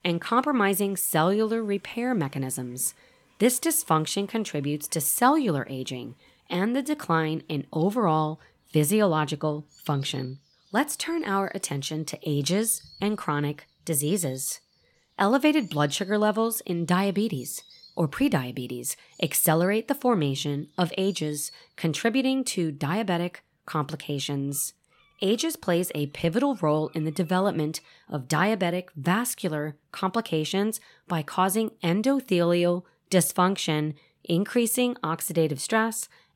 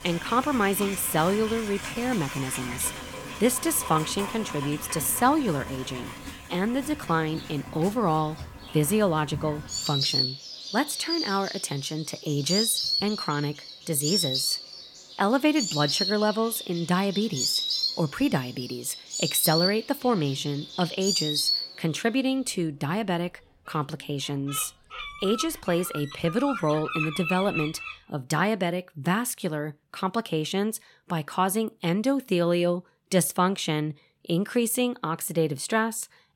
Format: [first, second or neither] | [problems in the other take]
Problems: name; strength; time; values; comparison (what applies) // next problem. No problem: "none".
first | animal sounds; loud; until 28 s; 4 dB below the speech; faint in the first